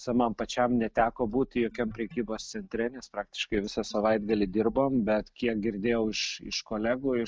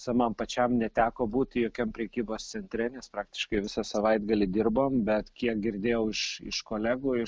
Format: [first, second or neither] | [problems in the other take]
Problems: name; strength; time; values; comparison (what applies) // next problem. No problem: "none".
second | noise reduction (neural mask model DeepFilterNet 3)